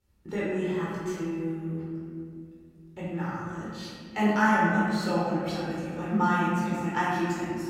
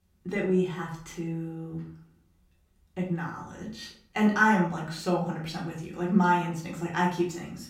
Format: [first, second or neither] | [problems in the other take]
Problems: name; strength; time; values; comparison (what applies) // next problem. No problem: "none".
second | room echo; strong; dies away in 2.3 s; slight in the second // off-mic speech; far; far in the second